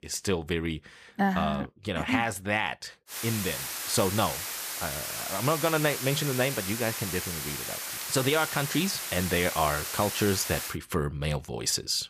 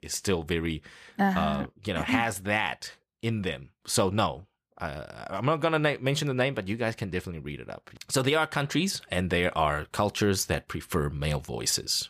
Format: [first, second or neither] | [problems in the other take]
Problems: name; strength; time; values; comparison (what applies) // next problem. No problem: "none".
second | hiss; loud; from 3 to 11 s; 4 dB below the speech